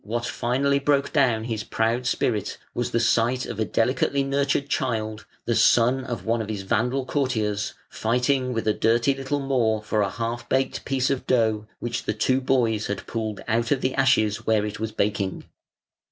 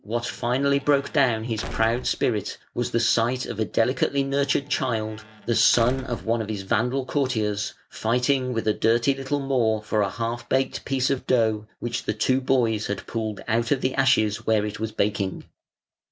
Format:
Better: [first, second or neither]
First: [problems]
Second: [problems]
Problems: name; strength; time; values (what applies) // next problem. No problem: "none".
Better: first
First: none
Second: background sound (Squeak / Slam / Wood); 14 dB below the speech